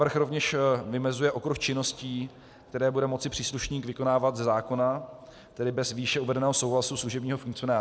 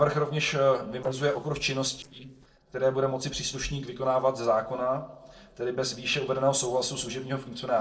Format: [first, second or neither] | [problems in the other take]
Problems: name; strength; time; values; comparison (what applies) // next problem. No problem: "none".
first | noise reduction (neural separator model SepFormer DNS4)